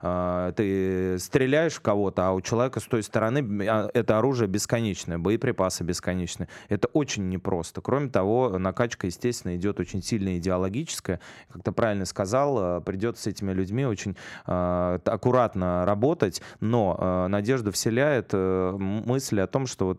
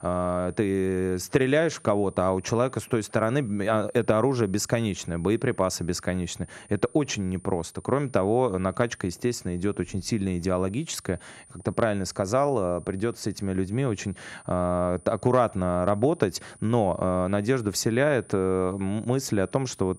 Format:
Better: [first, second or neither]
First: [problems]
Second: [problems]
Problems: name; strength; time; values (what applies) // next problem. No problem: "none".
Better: first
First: none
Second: high-pitched whine; faint; throughout; 9.5 kHz, 25 dB below the speech